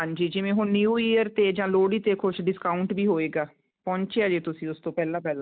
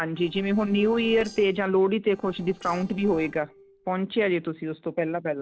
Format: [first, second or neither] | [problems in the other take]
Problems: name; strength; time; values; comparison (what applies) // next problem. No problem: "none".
first | noise reduction (neural separator model SepFormer DNS4)